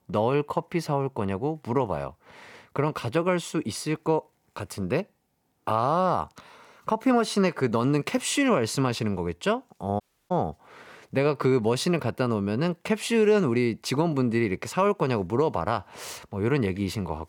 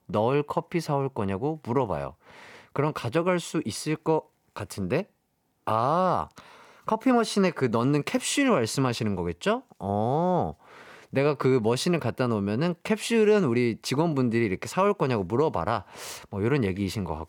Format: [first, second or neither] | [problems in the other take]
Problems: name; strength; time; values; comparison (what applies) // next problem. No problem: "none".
second | audio cutting out; at 10 s